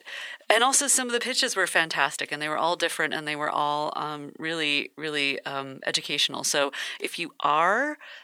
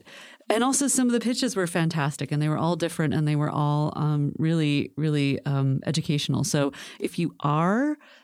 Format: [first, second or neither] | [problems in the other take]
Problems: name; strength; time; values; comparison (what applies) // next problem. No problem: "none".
second | thin; very; fading below 650 Hz